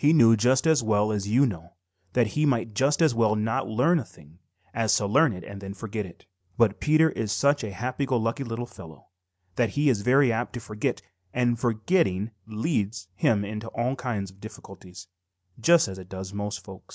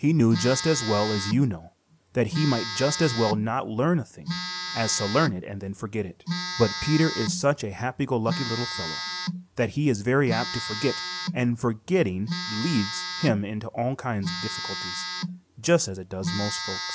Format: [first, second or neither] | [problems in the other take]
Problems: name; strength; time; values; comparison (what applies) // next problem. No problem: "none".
first | background sound (Telephone); 7 dB below the speech